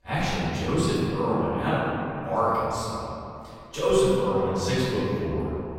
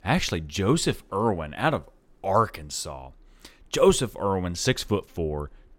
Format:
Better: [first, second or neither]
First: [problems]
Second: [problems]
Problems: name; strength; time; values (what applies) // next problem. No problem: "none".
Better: second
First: room echo; strong; dies away in 2.6 s // off-mic speech; far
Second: none